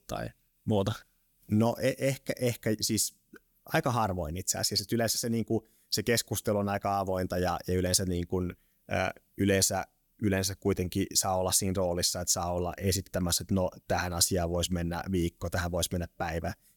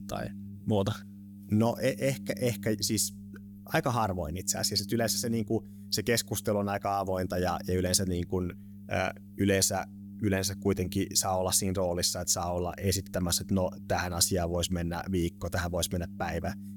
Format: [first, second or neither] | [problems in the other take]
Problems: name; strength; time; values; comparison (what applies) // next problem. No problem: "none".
first | low rumble; faint; throughout; 20 dB below the speech